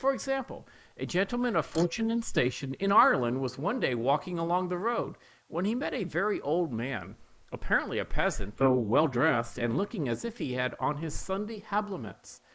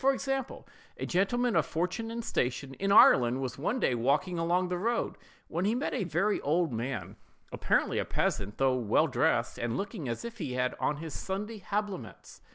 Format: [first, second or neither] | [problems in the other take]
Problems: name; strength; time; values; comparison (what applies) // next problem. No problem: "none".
second | noise reduction (neural mask model Resemble Enhance denoiser)